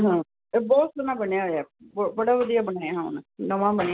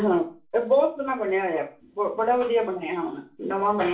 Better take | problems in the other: first | room echo; dies away in 0.3 s

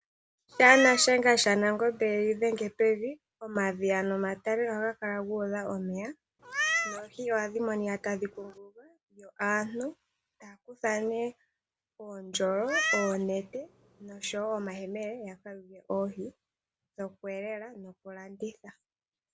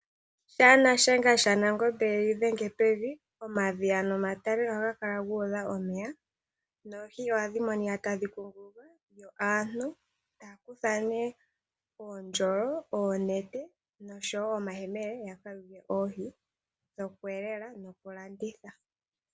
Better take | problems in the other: second | background sound (Meow); 5 dB below the speech

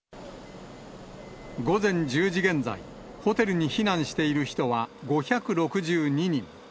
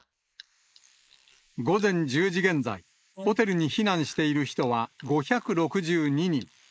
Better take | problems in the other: first | noise reduction (neural mask model Resemble Enhance denoiser)

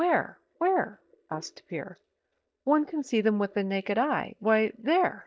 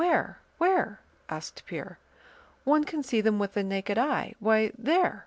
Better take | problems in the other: second | noise reduction (neural mask model DeepFilterNet 3)

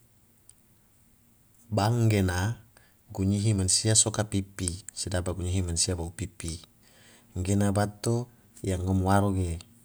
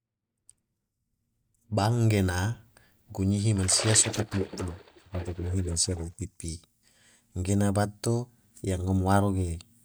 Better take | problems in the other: first | noise reduction (neural mask model DeepFilterNet 3)

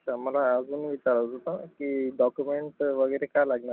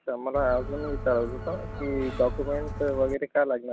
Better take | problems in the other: first | background sound (Gull, seagull); 7 dB below the speech

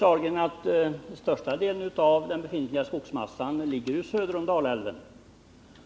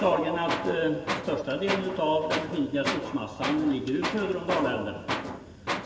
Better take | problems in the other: first | background sound (Tools); 6 dB below the speech // room echo; dies away in 2.2 s

